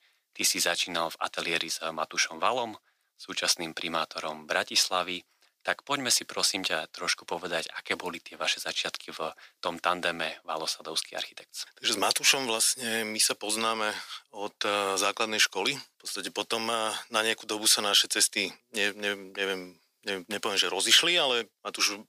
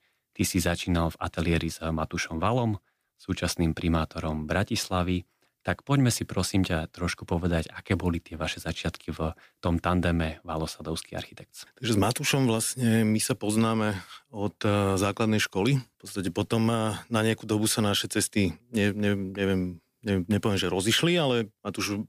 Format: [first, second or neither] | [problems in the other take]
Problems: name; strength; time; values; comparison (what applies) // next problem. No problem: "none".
second | thin; very; fading below 600 Hz